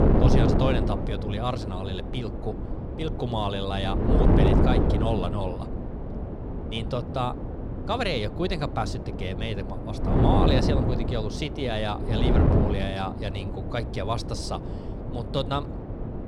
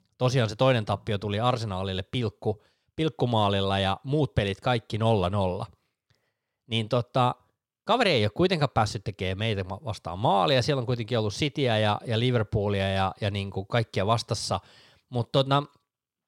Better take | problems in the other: second | wind noise on the microphone; heavy; 2 dB below the speech

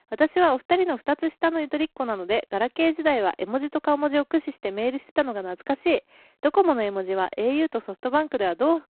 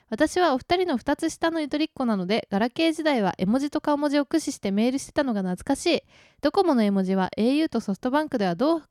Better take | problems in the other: second | phone-call audio; poor line

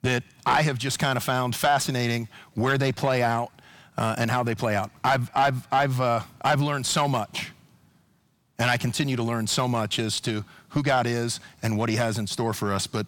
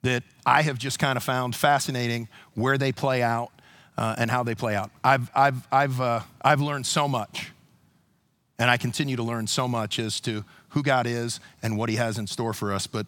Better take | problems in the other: second | distortion; slight; 10 dB below the speech

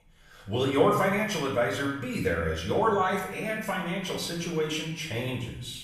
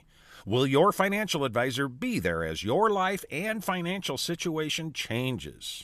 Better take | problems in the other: second | off-mic speech; far // room echo; noticeable; dies away in 0.8 s

